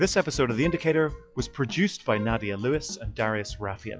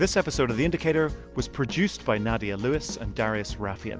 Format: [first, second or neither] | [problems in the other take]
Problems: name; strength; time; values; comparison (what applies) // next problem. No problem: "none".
second | noise reduction (classical method log-MMSE)